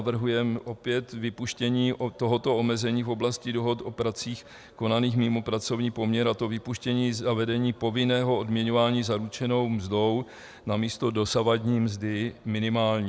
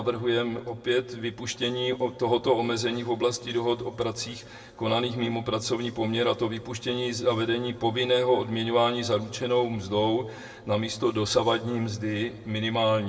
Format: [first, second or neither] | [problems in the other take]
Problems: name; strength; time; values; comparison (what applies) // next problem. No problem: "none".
first | room echo; dies away in 1.7 s